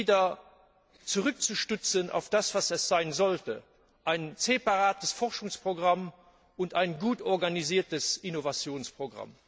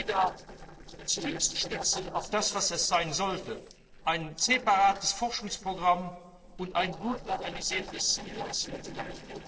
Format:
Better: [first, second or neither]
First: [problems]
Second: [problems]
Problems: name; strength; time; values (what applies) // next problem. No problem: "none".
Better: first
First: none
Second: noise reduction (neural separator model SepFormer DNS4)